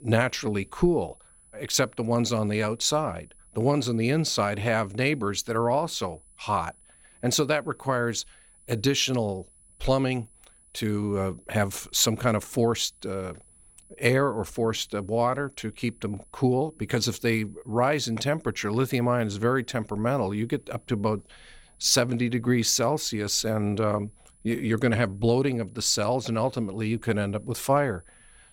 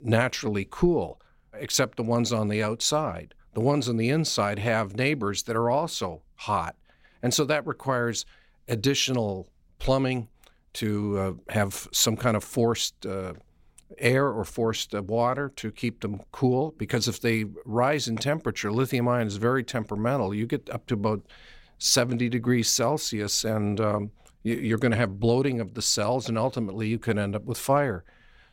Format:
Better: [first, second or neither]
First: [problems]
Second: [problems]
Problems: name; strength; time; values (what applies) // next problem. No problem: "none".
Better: second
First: high-pitched whine; faint; throughout; 10 kHz, 30 dB below the speech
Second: none